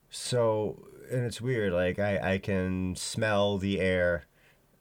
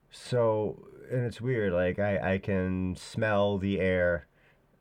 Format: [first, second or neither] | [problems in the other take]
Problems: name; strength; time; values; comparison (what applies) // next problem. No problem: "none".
first | muffled; slightly; fading above 3.5 kHz